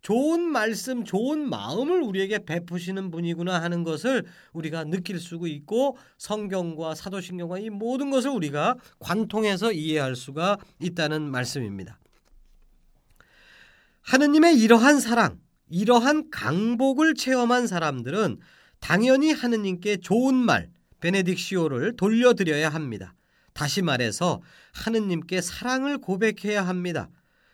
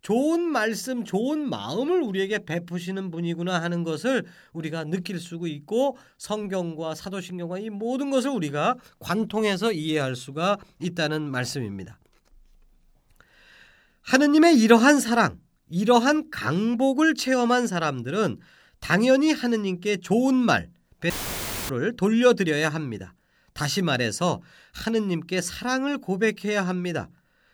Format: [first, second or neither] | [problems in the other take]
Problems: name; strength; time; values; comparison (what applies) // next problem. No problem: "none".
first | audio cutting out; filled with static; at 21 s for 0.5 s